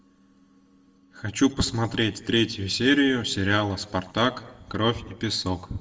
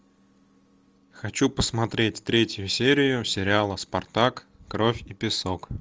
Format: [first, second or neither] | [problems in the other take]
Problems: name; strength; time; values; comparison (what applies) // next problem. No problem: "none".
second | room echo; dies away in 0.9 s